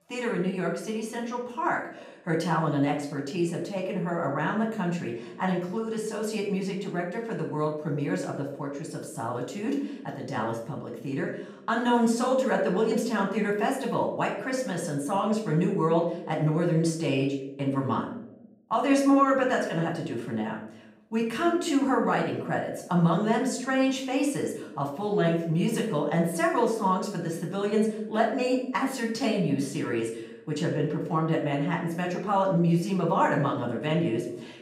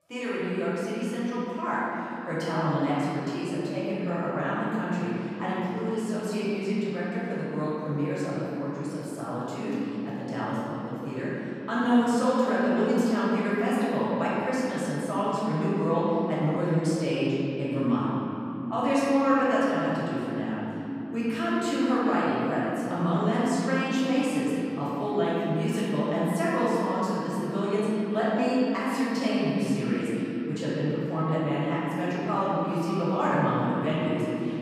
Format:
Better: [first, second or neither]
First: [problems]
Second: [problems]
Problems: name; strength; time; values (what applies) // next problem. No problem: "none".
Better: first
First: room echo; slight; dies away in 0.6 s // off-mic speech; far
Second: room echo; strong; dies away in 3 s // off-mic speech; far